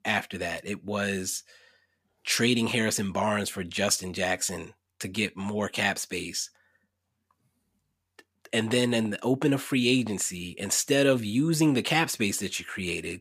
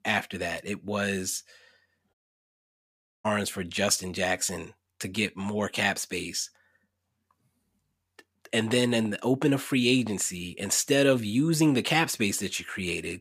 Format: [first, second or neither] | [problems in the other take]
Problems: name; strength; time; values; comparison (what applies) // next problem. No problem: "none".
first | audio cutting out; at 2 s for 1 s